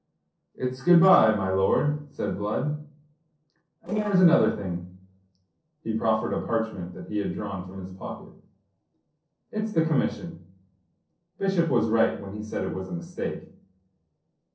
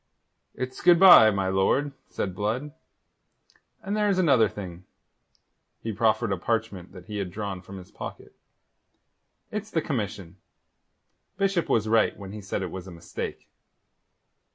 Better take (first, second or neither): second